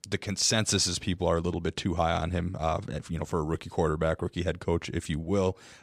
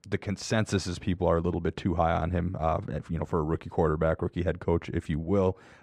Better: first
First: none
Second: muffled; slightly; fading above 2.5 kHz

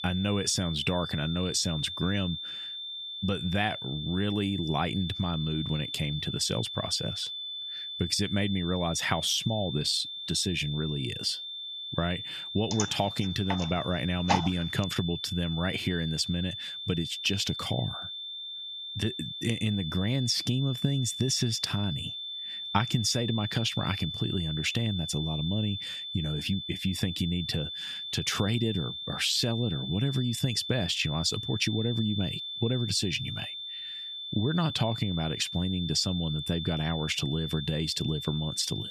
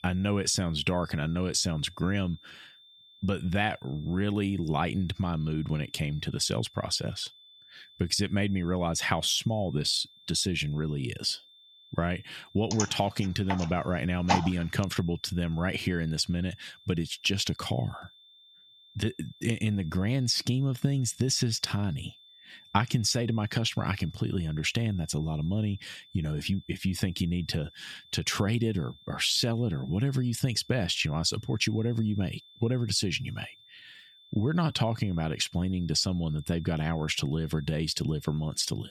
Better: second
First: high-pitched whine; loud; throughout; 3.5 kHz, 6 dB below the speech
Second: high-pitched whine; faint; throughout; 3.5 kHz, 25 dB below the speech

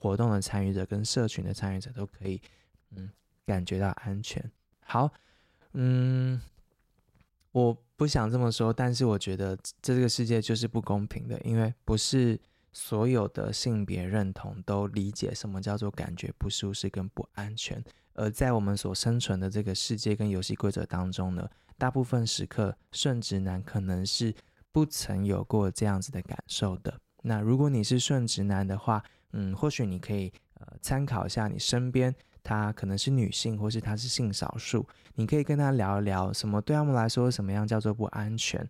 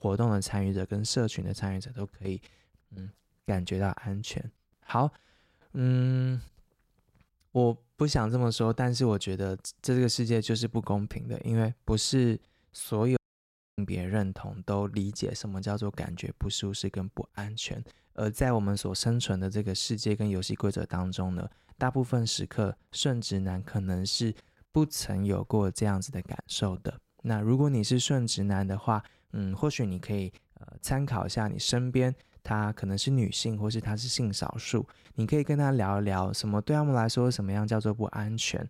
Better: first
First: none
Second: audio cutting out; at 13 s for 0.5 s

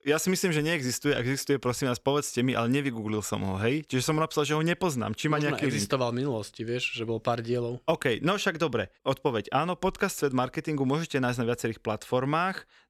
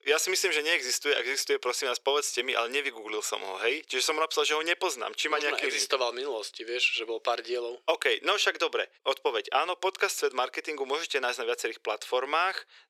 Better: first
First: none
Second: thin; very; fading below 400 Hz

